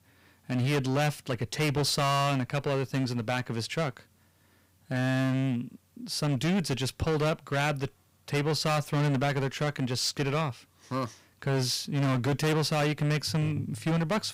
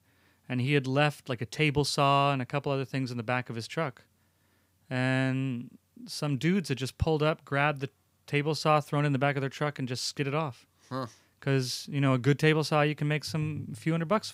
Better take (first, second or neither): second